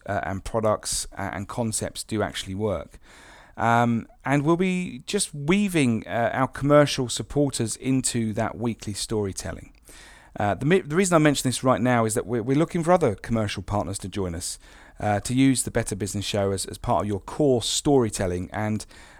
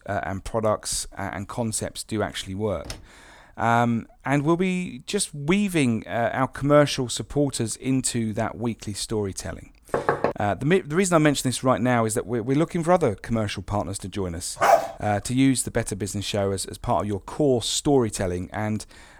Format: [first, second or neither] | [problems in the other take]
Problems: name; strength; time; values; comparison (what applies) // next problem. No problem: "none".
first | door banging; faint; at 3 s; peak 15 dB below the speech // door banging; loud; at 10 s; peak level with the speech // dog barking; loud; at 15 s; peak 5 dB above the speech